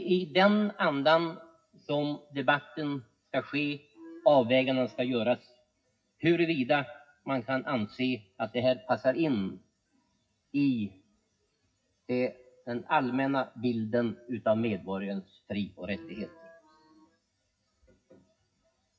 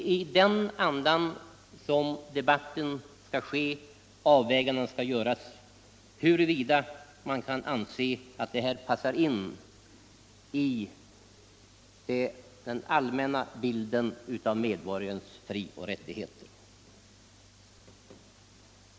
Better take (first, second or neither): second